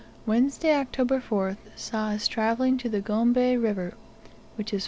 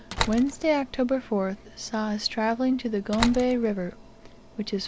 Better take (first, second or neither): first